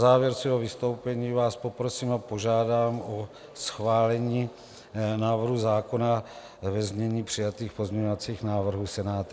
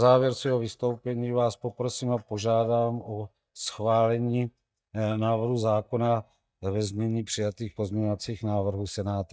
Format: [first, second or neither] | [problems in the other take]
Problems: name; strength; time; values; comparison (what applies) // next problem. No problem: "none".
first | noise reduction (neural mask model DeepFilterNet 3)